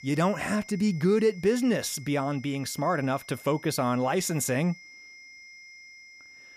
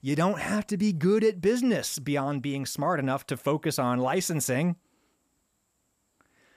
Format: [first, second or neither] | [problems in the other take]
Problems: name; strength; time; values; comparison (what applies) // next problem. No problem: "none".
second | high-pitched whine; noticeable; throughout; 2 kHz, 20 dB below the speech